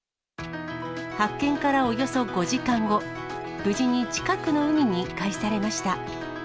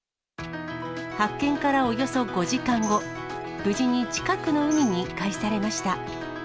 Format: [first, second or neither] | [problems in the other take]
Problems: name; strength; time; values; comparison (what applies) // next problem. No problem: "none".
first | background sound (Tambourine); 20 dB below the speech